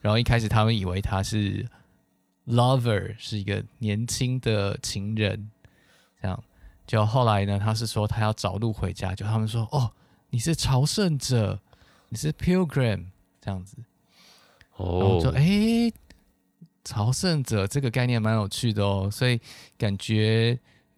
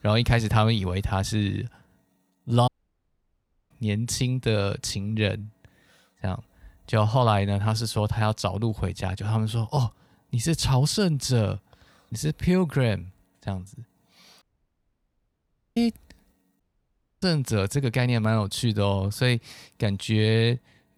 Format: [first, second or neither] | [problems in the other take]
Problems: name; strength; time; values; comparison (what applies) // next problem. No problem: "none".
first | audio cutting out; at 2.5 s for 1 s, at 14 s for 1.5 s and at 17 s for 0.5 s